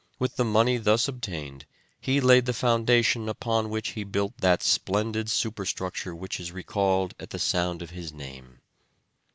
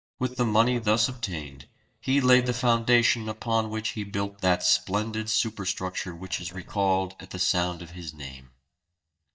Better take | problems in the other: first | noise reduction (neural mask model DeepFilterNet 3)

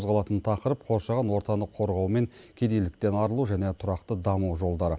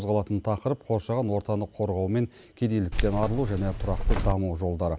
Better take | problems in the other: first | background sound (Keys jangling); as loud as the speech

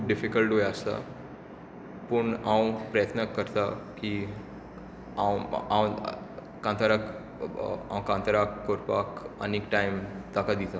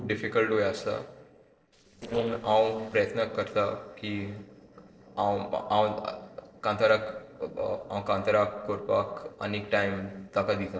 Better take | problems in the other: first | noise reduction (neural separator model SepFormer DNS4)

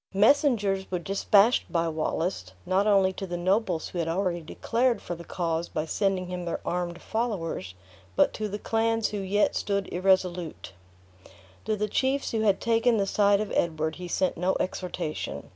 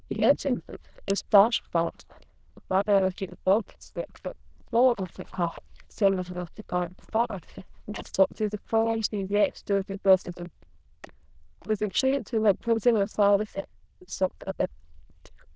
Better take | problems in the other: first | noise reduction (neural diffusion model UNIVERSE++)

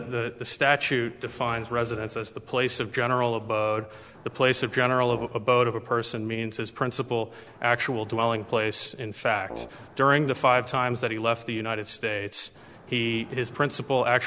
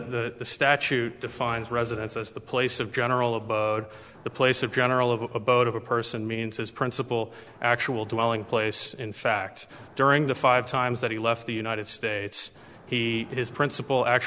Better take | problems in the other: second | background sound (Brass instrument); 16 dB below the speech

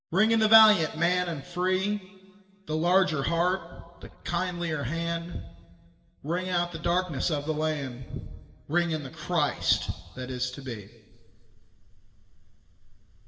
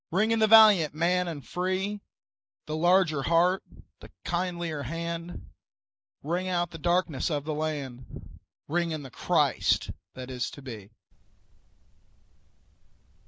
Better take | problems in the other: second | room echo; dies away in 1.5 s

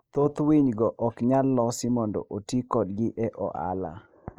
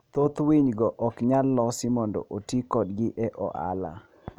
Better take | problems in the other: second | noise reduction (neural mask model Resemble Enhance denoiser)

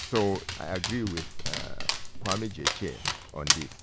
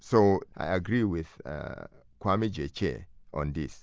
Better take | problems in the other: second | background sound (Dog); 1 dB above the speech

